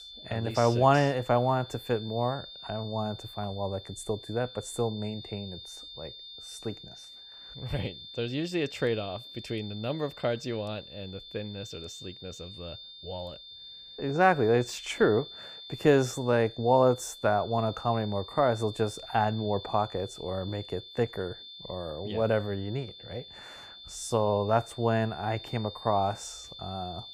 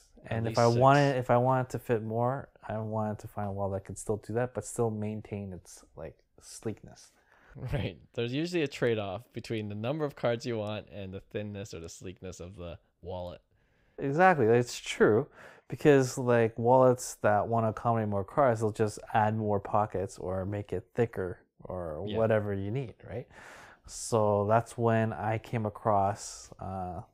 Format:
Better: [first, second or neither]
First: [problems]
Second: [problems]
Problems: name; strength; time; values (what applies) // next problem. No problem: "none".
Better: second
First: high-pitched whine; noticeable; throughout; 3.5 kHz, 15 dB below the speech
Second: none